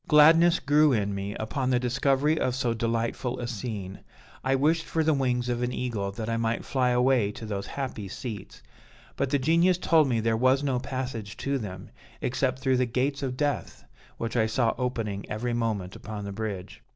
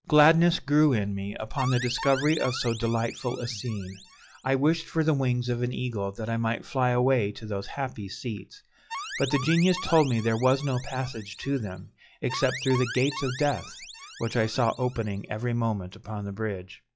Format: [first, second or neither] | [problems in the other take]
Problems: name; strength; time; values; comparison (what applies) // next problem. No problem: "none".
first | noise reduction (classical method log-MMSE)